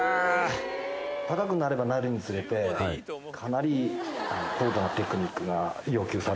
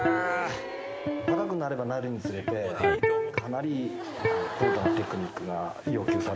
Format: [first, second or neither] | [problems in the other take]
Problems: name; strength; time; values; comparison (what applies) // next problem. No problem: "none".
first | background sound (Electric guitar); 1 dB above the speech